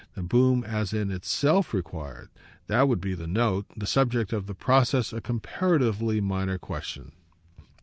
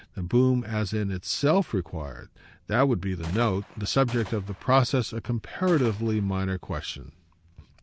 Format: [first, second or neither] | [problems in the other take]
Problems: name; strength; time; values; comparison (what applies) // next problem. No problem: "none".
first | background sound (Gunshot, gunfire); 19 dB below the speech